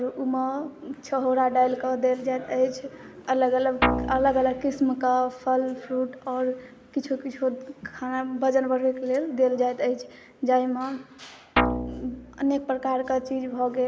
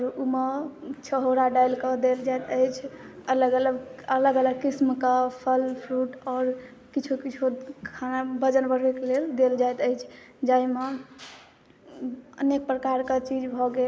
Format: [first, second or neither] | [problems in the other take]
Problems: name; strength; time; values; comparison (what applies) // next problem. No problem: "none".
second | background sound (Guitar); 1 dB below the speech